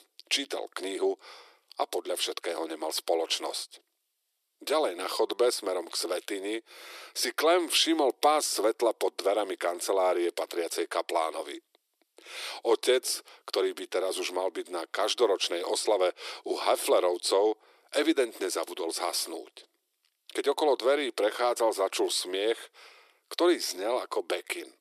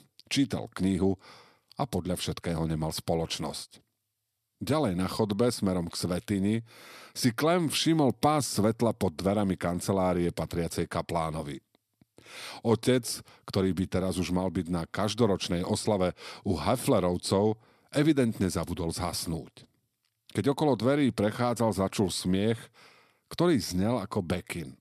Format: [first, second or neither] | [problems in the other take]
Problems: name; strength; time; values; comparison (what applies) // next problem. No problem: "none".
second | thin; very; fading below 350 Hz